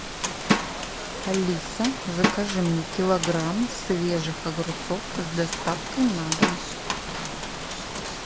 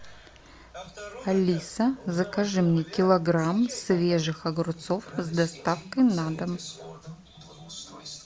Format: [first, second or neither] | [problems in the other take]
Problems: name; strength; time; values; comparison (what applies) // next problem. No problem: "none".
second | background sound (Rain + Drum); 2 dB below the speech